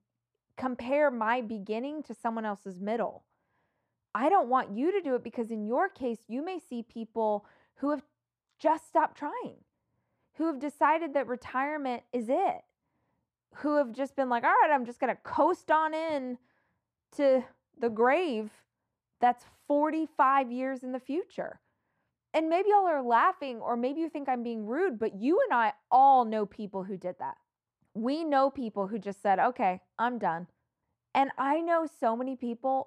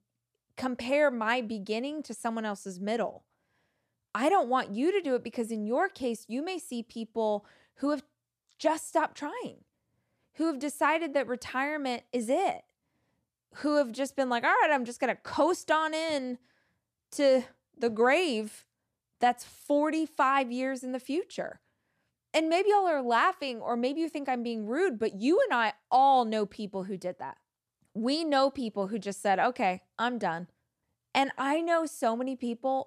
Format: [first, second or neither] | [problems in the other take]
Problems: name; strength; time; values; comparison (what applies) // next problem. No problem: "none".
second | muffled; slightly; fading above 3 kHz